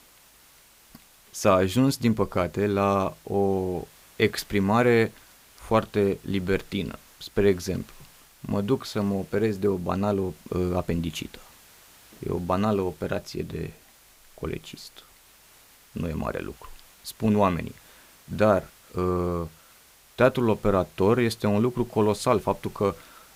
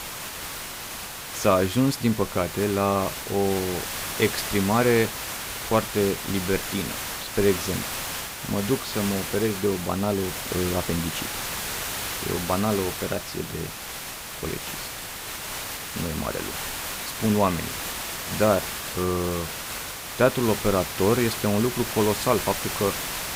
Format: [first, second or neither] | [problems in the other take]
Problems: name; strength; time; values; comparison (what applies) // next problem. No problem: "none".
first | hiss; loud; throughout; 5 dB below the speech; faint in the first